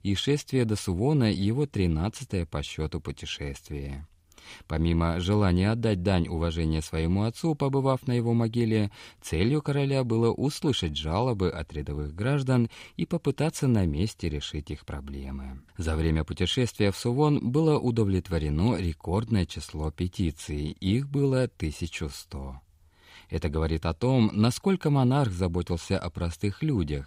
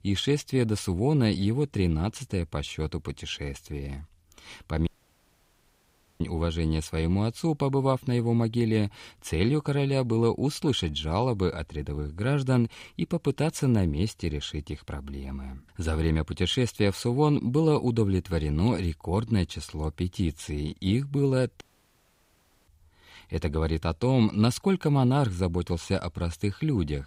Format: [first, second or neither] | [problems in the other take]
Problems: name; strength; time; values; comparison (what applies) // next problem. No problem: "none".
first | audio cutting out; at 5 s for 1.5 s and at 22 s for 1 s